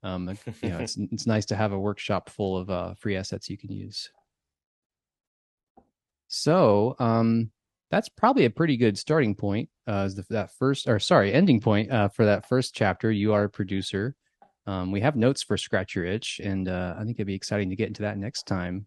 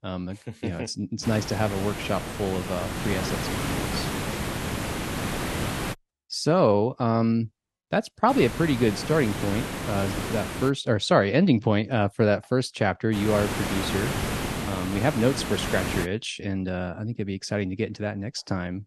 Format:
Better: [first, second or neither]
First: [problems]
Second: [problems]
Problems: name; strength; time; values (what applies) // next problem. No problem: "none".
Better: first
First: none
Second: hiss; loud; from 1 to 6 s, from 8.5 to 11 s and from 13 to 16 s; 5 dB below the speech